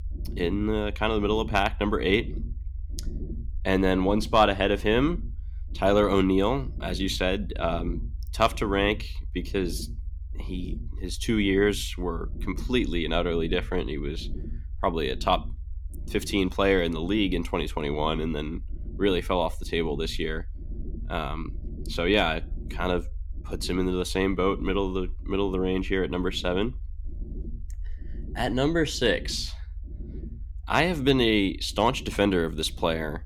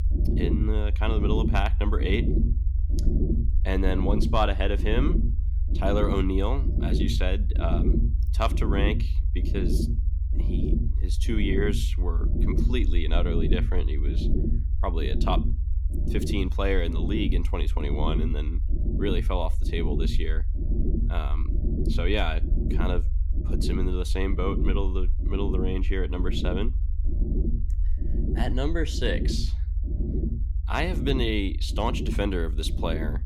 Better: first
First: low rumble; faint; throughout; 25 dB below the speech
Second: low rumble; loud; throughout; 8 dB below the speech

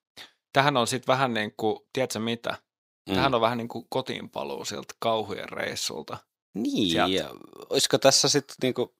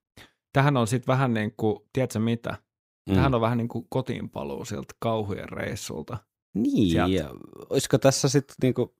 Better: second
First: thin; somewhat; fading below 500 Hz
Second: none

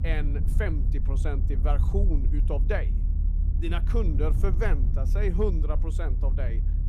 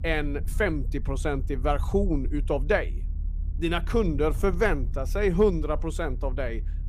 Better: second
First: low rumble; loud; throughout; 10 dB below the speech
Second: low rumble; faint; throughout; 25 dB below the speech

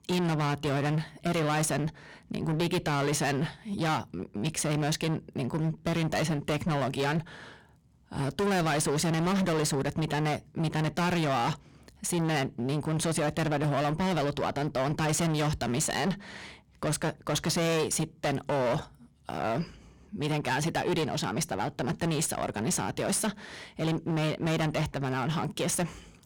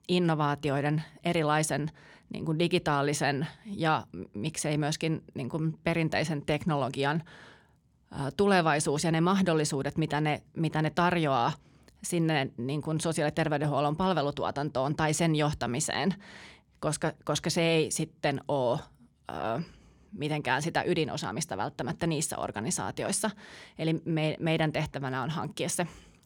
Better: second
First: distortion; heavy; 22% of the sound clipped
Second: none

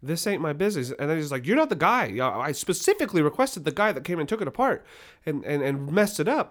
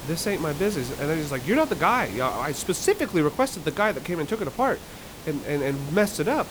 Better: first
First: none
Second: hiss; noticeable; throughout; 15 dB below the speech

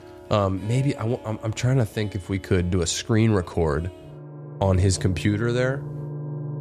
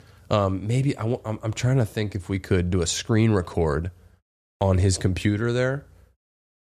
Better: second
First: background music; noticeable; throughout; 15 dB below the speech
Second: none

